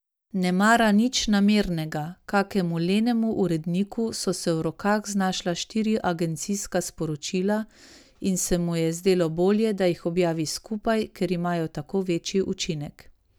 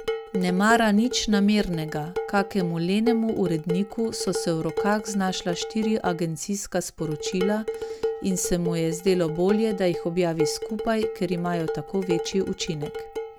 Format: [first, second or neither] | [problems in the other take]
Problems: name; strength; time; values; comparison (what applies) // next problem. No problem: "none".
first | background sound (Dishes, pots, and pans); 7 dB below the speech